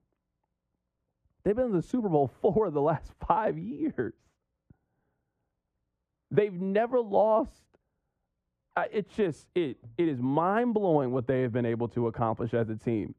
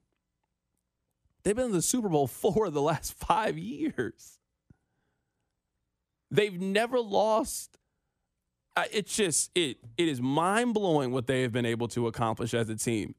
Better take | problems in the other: second | muffled; very; fading above 3.5 kHz

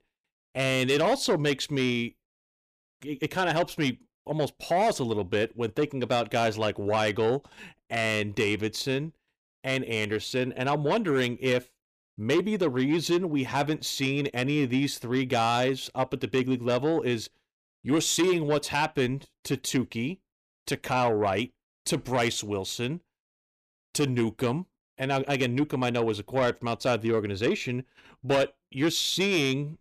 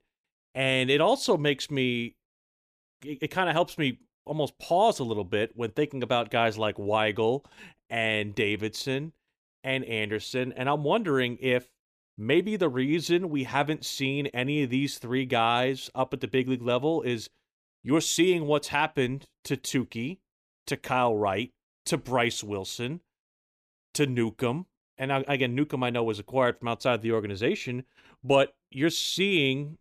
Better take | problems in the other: second | distortion; slight; 10 dB below the speech

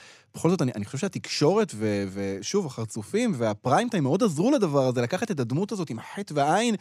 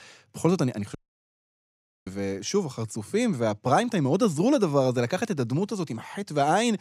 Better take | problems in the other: first | audio cutting out; at 1 s for 1 s

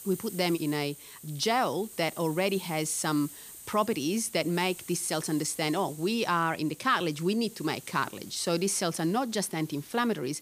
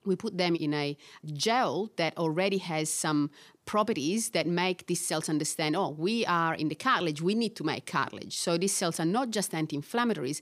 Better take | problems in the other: second | hiss; noticeable; throughout; 15 dB below the speech

